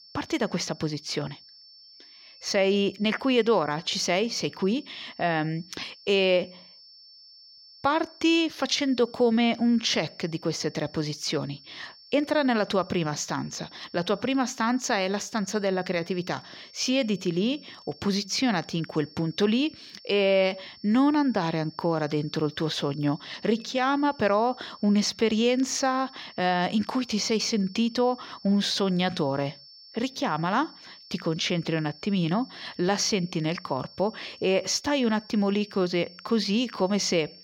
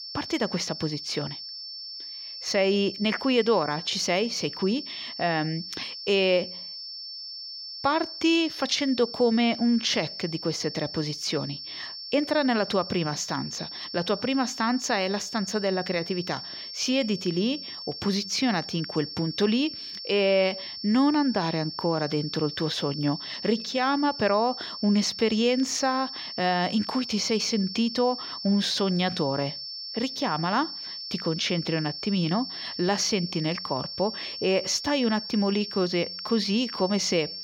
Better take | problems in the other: first | high-pitched whine; loud; throughout; 5.5 kHz, 9 dB below the speech; faint in the first

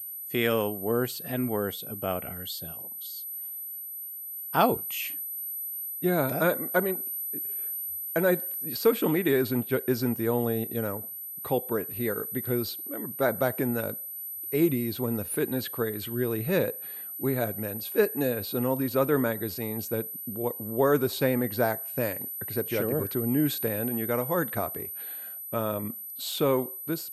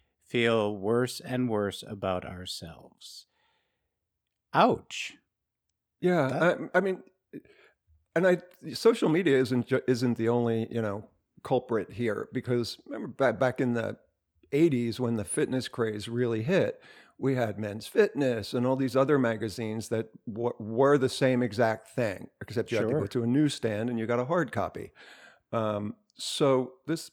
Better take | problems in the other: second | high-pitched whine; loud; throughout; 12 kHz, 5 dB below the speech

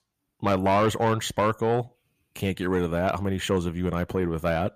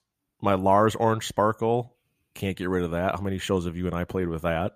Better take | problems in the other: second | distortion; slight; 10 dB below the speech

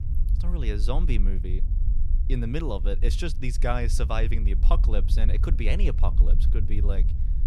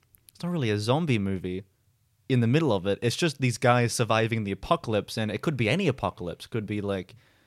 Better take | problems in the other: second | low rumble; noticeable; throughout; 10 dB below the speech

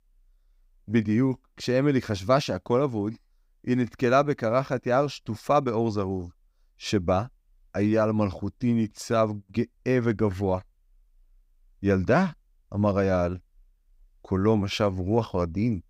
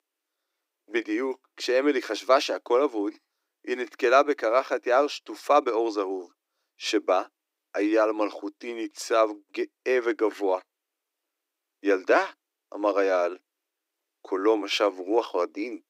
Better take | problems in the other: first | thin; somewhat; fading below 300 Hz

